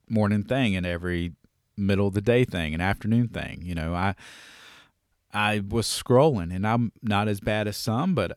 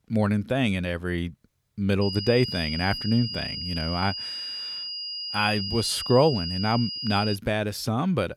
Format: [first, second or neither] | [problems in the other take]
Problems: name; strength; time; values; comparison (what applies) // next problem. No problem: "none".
first | high-pitched whine; loud; from 2 to 7.5 s; 5 kHz, 5 dB below the speech